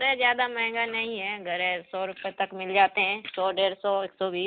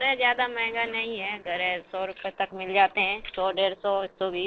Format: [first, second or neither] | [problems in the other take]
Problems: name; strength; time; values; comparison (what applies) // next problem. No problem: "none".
first | noise reduction (neural separator model SepFormer DNS4)